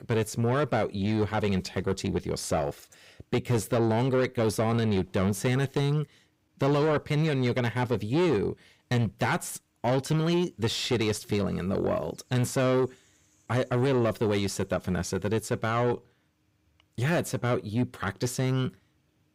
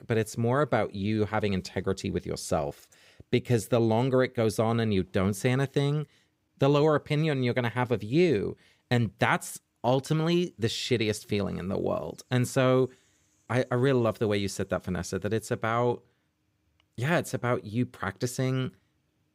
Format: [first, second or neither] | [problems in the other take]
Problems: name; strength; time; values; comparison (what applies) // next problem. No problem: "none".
second | distortion; slight; 10 dB below the speech